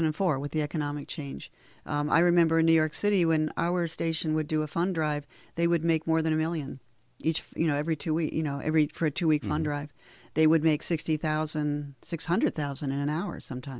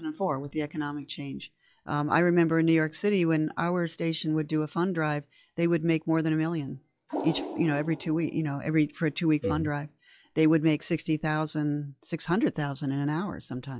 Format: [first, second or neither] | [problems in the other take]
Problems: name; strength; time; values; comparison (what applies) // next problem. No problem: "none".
first | noise reduction (classical method log-MMSE)